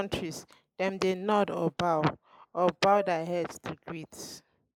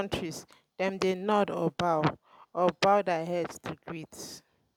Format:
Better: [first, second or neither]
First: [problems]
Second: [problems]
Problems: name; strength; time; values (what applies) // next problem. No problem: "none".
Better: second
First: noise reduction (neural mask model Resemble Enhance denoiser)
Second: none